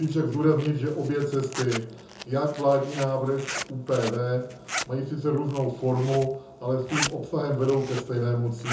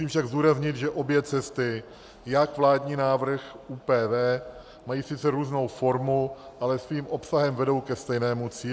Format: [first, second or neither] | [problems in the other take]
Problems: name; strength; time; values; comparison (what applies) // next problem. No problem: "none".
second | background sound (Zipper (clothing)); 12 dB below the speech // room echo; dies away in 0.5 s